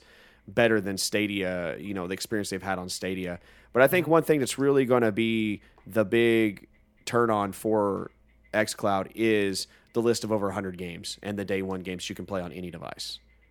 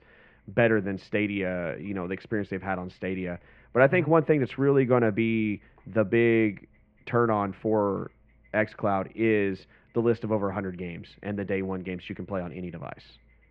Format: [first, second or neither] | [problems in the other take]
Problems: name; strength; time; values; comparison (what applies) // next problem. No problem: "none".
first | muffled; very; fading above 2.5 kHz